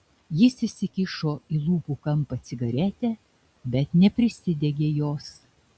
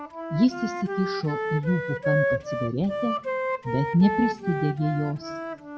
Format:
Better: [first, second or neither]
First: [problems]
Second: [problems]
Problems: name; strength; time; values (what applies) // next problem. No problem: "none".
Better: first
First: none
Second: background sound (Wind instrument, woodwind instrument); 3 dB below the speech // room echo; dies away in 1 s